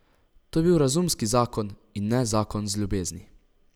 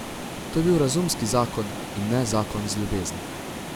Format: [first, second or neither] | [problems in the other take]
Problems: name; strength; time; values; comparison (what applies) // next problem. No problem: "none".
first | background sound (Water); 8 dB below the speech